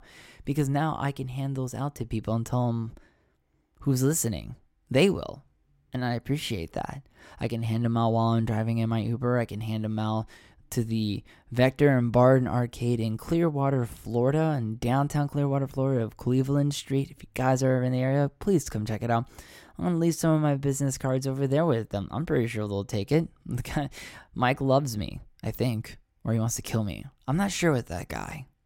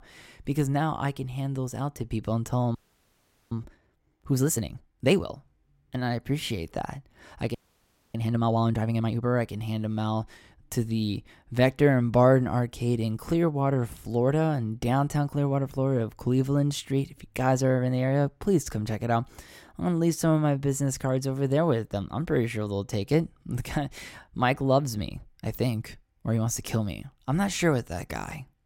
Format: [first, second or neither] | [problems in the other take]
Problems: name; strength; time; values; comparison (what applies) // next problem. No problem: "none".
first | audio freezing; at 3 s for 1 s and at 7.5 s for 0.5 s